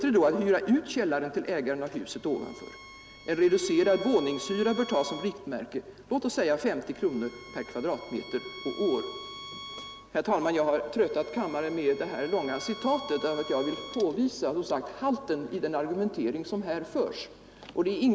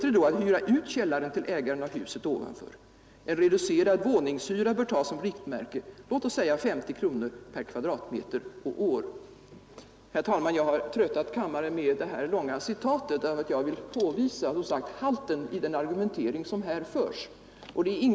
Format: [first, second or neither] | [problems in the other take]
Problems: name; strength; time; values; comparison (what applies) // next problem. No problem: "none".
second | background sound (Bowed string instrument); 16 dB below the speech